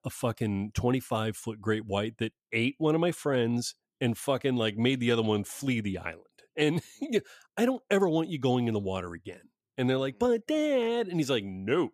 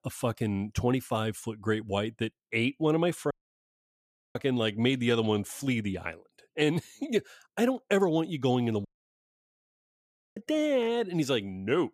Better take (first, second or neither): first